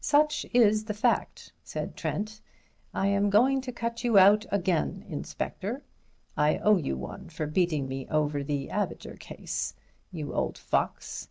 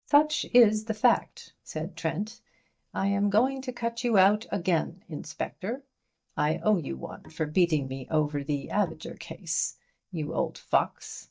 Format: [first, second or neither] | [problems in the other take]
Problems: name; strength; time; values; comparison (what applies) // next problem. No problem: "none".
first | noise reduction (neural mask model DeepFilterNet 3)